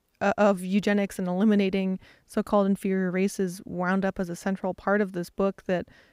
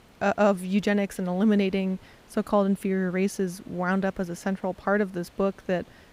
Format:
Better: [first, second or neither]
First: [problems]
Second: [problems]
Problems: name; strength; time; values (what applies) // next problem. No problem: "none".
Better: first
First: none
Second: hiss; faint; throughout; 30 dB below the speech